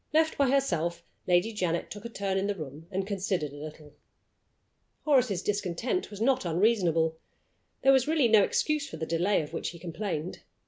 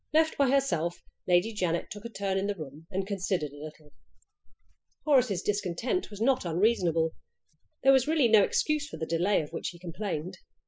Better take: first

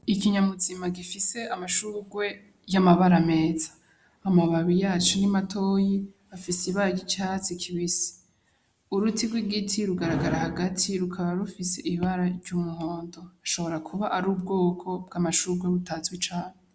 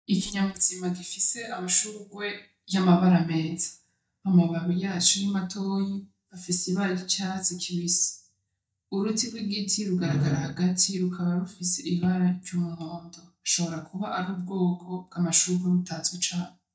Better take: first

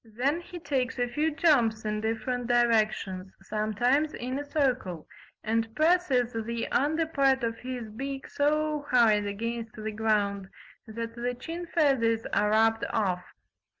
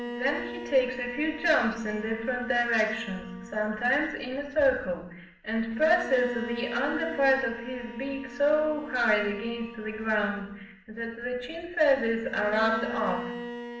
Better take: first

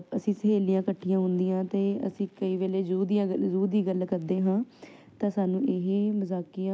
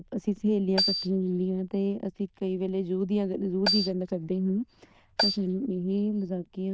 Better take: first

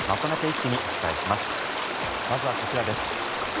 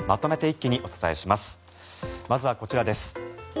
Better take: second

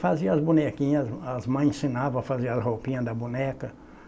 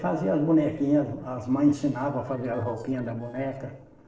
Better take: first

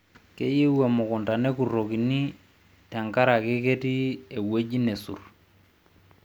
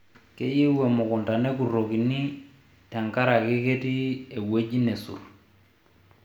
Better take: first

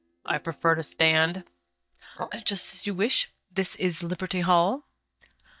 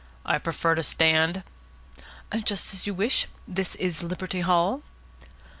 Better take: second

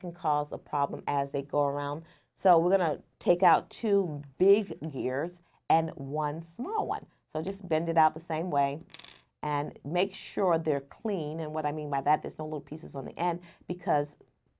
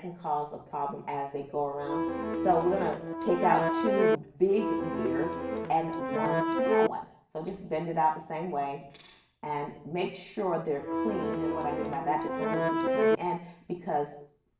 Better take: first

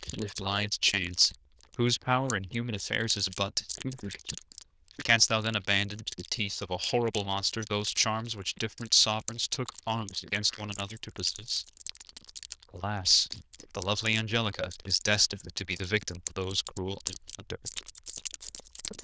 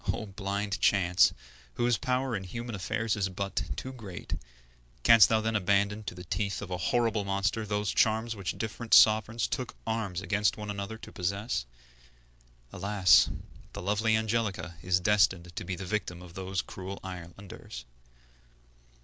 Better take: second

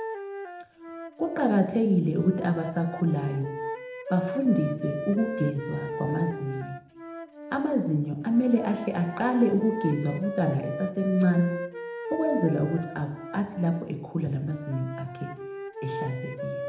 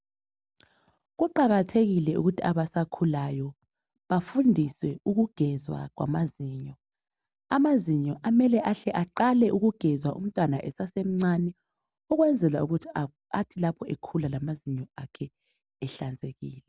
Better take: second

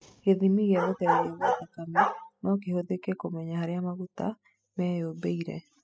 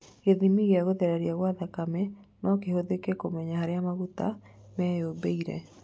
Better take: second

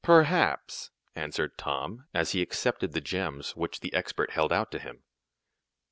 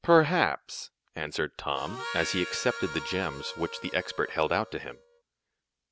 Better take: first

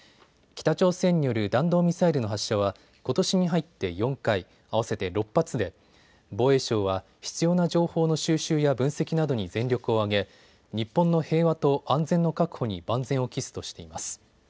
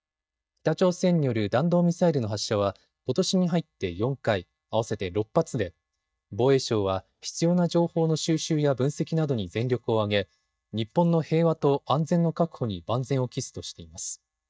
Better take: first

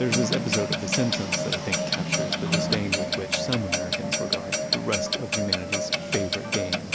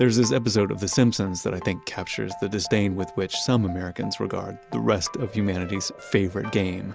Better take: second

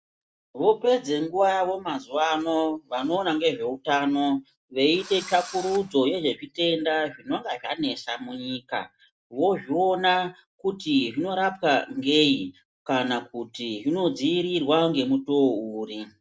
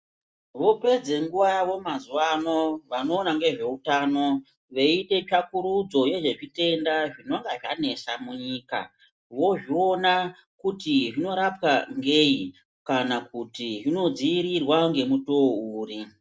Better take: second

